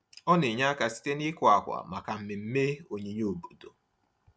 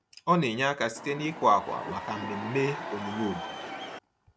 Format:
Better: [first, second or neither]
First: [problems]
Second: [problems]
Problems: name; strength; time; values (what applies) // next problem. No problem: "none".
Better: first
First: none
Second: background sound (Crowd / Cheering); 8 dB below the speech